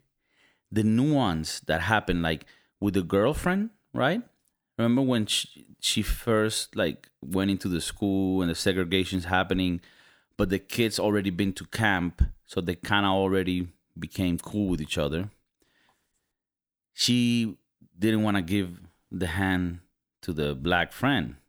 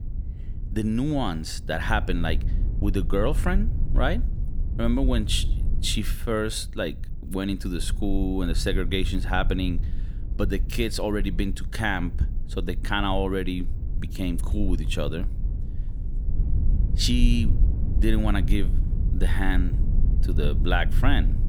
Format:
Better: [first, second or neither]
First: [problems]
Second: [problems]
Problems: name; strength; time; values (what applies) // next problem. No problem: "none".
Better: first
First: none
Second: low rumble; noticeable; throughout; 15 dB below the speech